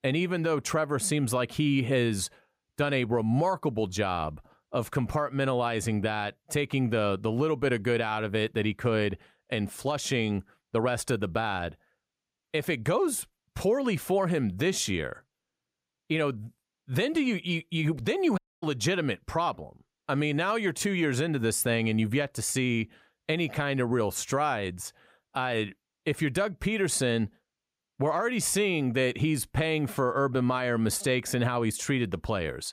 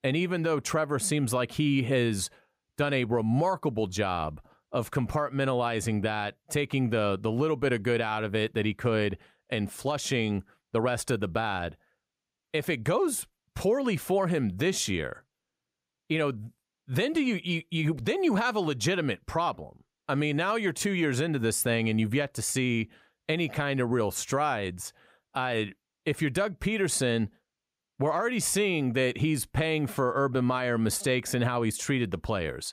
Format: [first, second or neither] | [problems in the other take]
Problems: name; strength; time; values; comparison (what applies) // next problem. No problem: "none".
second | audio cutting out; at 18 s